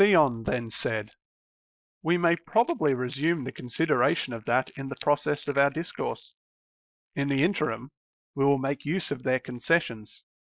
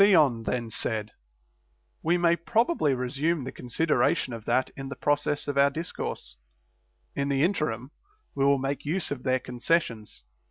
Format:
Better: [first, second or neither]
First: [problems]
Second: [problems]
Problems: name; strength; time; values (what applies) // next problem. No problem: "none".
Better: second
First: noise reduction (neural mask model Resemble Enhance denoiser)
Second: none